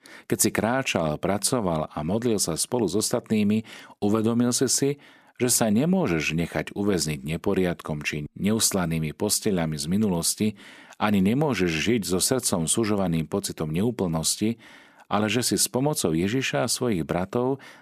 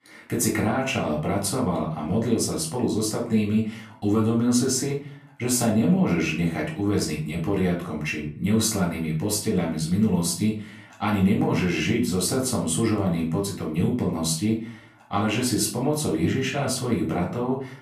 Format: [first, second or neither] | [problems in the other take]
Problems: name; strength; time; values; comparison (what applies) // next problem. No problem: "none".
first | off-mic speech; far // room echo; slight; dies away in 0.4 s